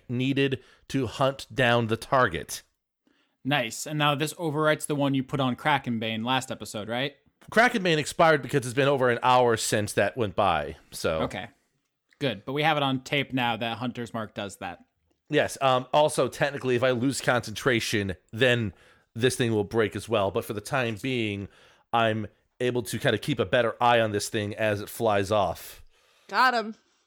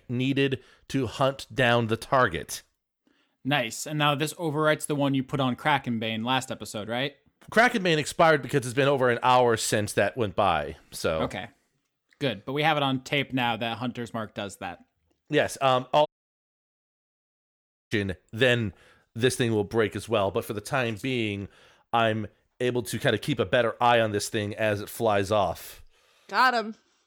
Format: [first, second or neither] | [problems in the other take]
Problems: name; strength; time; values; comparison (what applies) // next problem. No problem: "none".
first | audio cutting out; at 16 s for 2 s